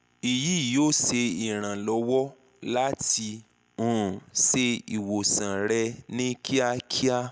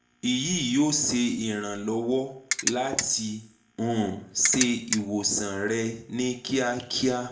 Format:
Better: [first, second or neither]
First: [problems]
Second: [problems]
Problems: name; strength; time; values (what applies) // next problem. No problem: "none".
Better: first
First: none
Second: background sound (Ratchet, pawl); 2 dB below the speech // room echo; dies away in 0.4 s